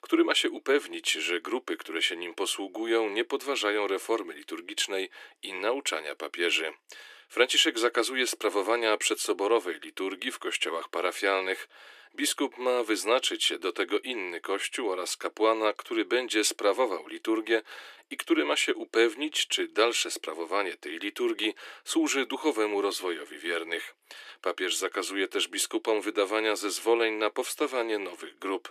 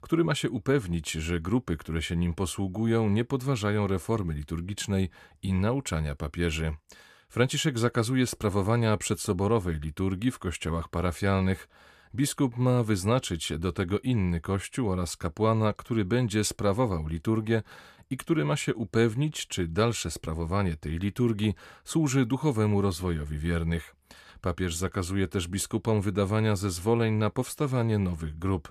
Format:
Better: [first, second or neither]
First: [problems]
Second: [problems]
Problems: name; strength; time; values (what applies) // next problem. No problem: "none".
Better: second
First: thin; very; fading below 300 Hz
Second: none